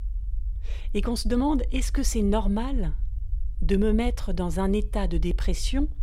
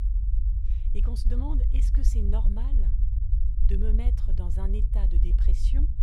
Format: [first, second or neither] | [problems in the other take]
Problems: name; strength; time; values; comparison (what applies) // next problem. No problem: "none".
first | low rumble; loud; throughout; 4 dB below the speech; faint in the first